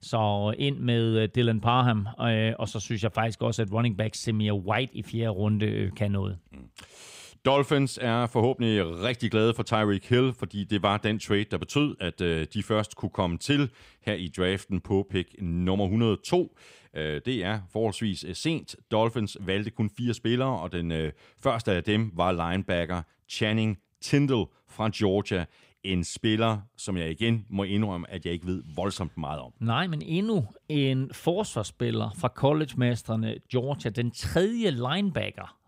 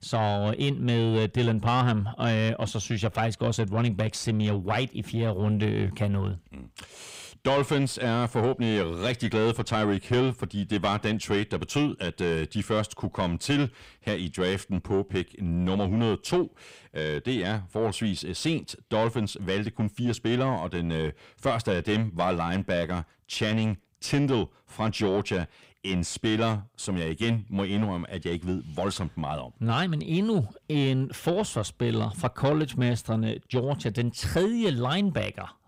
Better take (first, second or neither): first